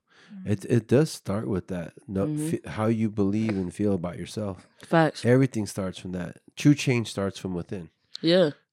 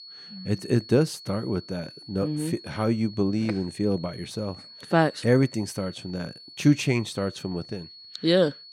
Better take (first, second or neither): first